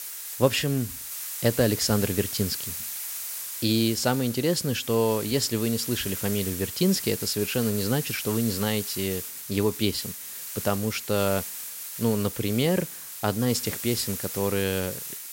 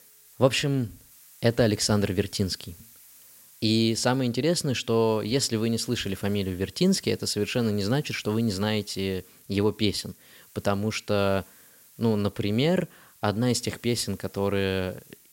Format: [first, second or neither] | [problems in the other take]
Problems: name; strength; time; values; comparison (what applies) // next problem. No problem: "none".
second | hiss; loud; throughout; 6 dB below the speech; faint in the second